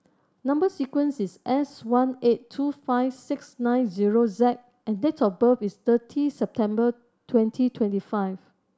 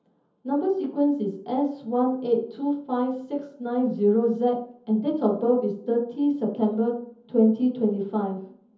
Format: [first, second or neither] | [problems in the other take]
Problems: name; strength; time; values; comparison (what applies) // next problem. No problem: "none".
first | room echo; dies away in 0.7 s